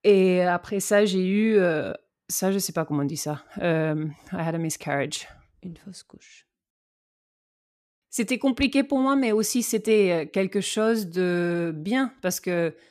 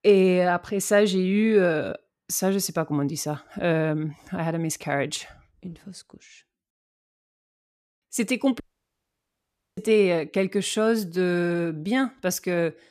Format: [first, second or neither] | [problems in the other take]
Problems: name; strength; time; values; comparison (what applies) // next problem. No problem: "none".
first | audio cutting out; at 8.5 s for 1 s